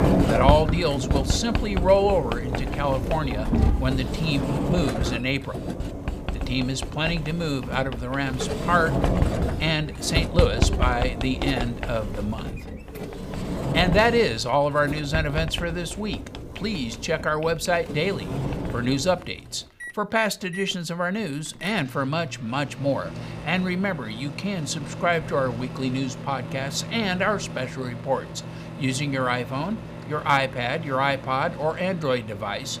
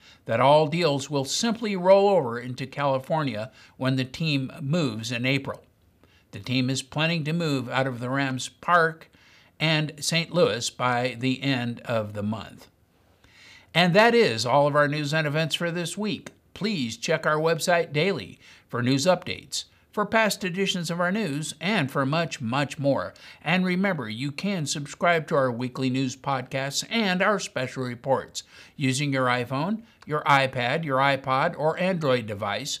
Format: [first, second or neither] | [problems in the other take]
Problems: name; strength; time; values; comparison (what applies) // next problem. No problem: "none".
second | household noises; loud; throughout; 4 dB below the speech